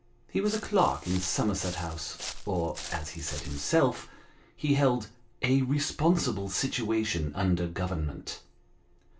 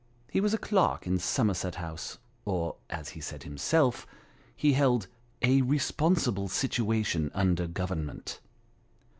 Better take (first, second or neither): second